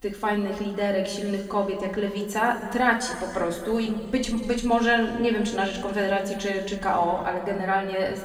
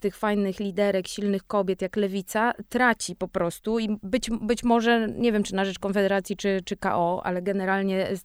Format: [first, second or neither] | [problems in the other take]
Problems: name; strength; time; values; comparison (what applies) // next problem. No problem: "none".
second | room echo; noticeable; dies away in 2 s // off-mic speech; far